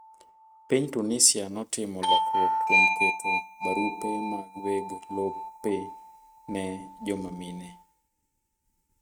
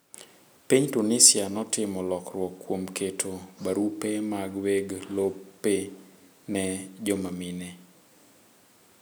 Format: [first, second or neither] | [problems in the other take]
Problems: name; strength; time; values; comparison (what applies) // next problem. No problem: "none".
second | noise reduction (neural mask model RNNoise)